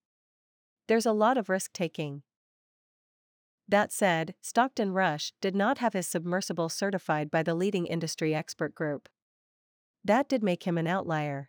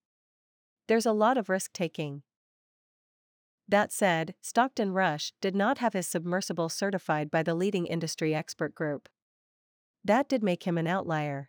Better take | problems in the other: neither | none

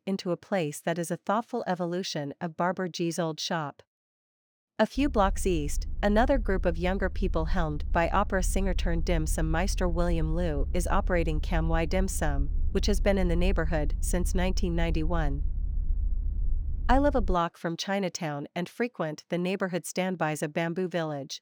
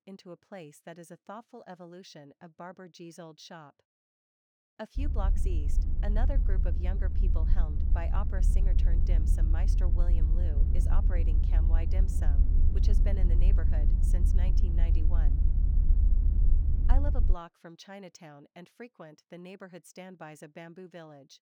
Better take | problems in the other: first | low rumble; loud; from 5 to 17 s; 3 dB below the speech; faint in the first

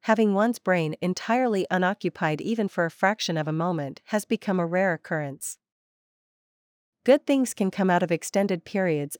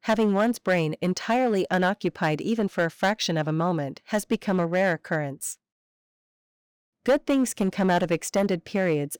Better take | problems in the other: first | distortion; slight; 5% of the sound clipped

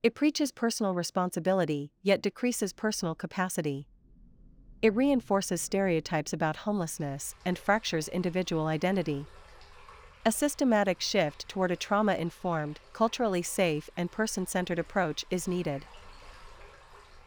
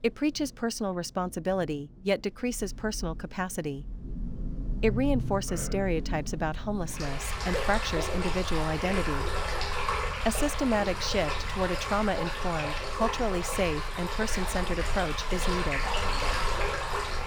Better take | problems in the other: first | rain or running water; loud; throughout; 2 dB below the speech; faint in the first

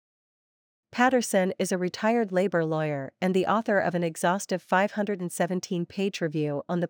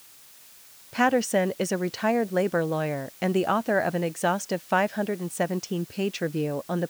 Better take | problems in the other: first | hiss; faint; throughout; 20 dB below the speech

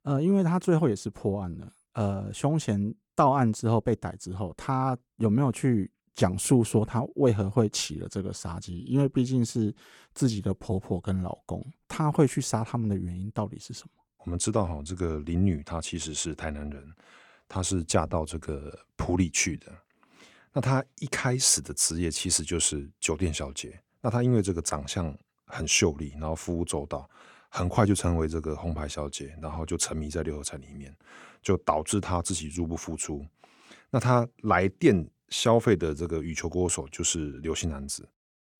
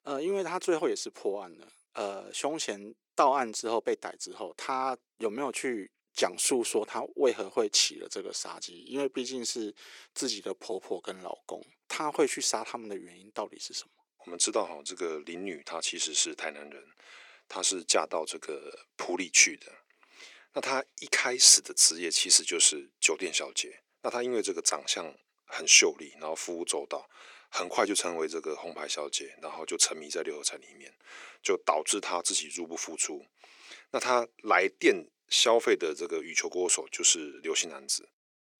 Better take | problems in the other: first | thin; very; fading below 350 Hz

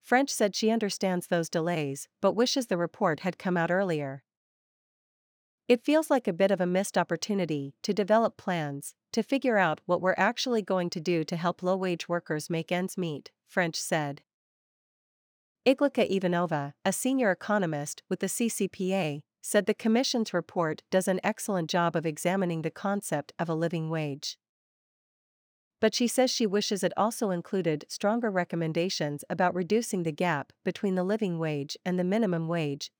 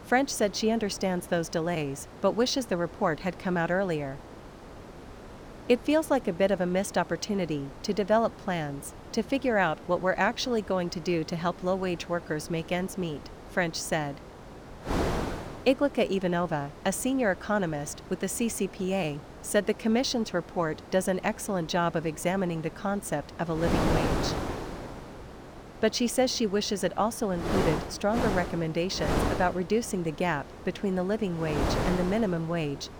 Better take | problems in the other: first | wind noise on the microphone; heavy; 10 dB below the speech

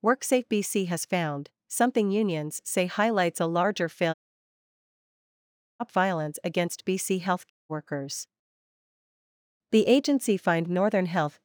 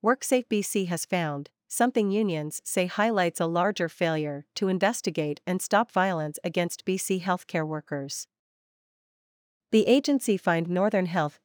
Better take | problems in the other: second | audio cutting out; at 4 s for 1.5 s and at 7.5 s

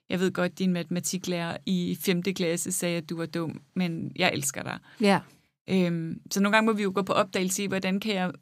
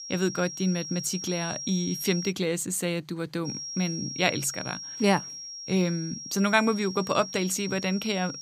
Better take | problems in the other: first | high-pitched whine; loud; until 2.5 s and from 3.5 s on; 5.5 kHz, 8 dB below the speech

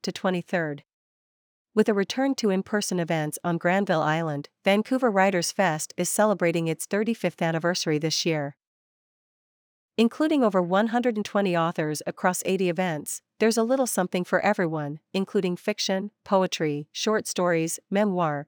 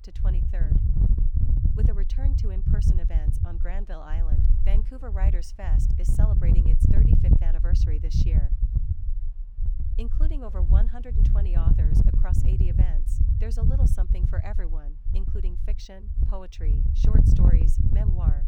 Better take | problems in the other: first | wind noise on the microphone; heavy; 3 dB above the speech

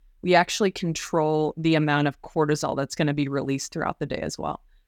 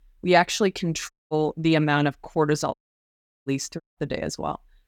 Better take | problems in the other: first | audio cutting out; at 1 s, at 2.5 s for 0.5 s and at 4 s

